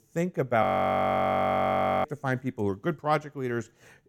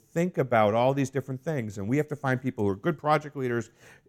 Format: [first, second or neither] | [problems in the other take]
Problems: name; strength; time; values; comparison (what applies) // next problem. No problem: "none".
second | audio freezing; at 0.5 s for 1.5 s